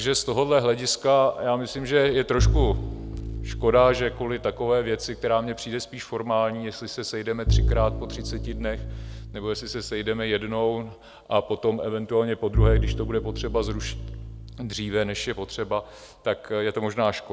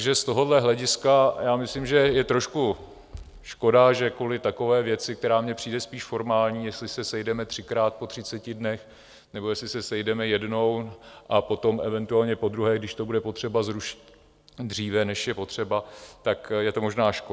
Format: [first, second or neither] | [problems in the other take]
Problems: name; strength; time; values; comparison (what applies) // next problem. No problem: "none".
second | background sound (Bowed string instrument); 5 dB below the speech